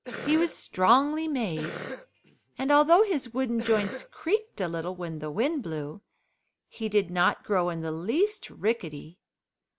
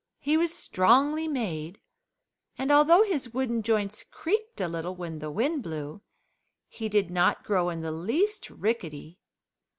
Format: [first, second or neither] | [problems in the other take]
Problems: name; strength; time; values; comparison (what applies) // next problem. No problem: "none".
second | background sound (Cough); 12 dB below the speech